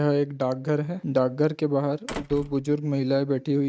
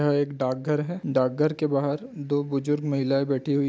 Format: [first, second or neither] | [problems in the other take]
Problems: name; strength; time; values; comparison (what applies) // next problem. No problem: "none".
second | noise reduction (neural mask model RNNoise)